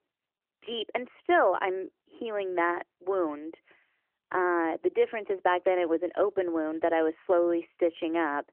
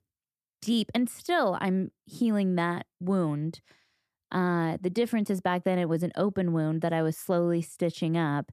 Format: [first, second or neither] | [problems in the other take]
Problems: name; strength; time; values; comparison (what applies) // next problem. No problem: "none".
second | phone-call audio; nothing above 3 kHz